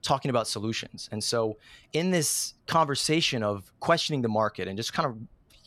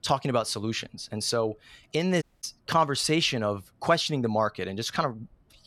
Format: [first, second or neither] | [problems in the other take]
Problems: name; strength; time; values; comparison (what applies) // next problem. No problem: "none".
first | audio cutting out; at 2 s